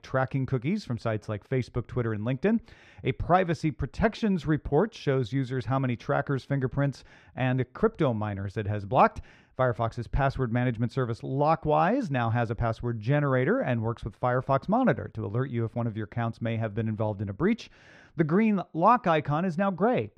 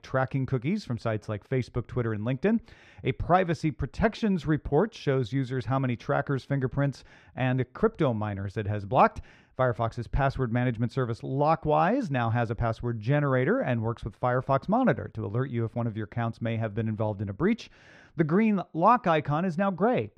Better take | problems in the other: neither | muffled; very; fading above 3 kHz; the same in both

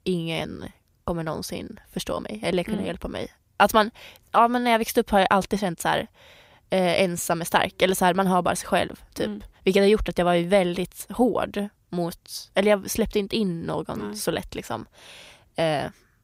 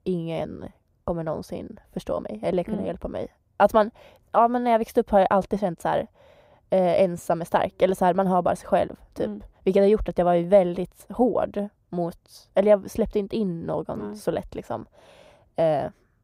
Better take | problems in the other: first | muffled; slightly; fading above 1.5 kHz

